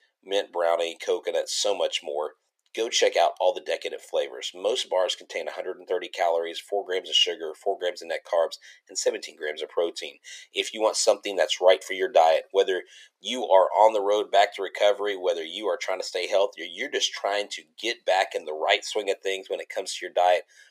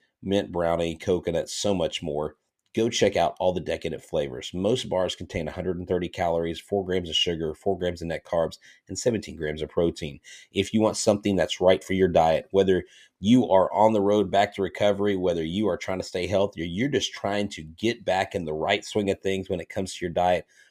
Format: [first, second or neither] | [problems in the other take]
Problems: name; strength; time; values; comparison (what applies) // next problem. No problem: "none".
second | thin; very; fading below 450 Hz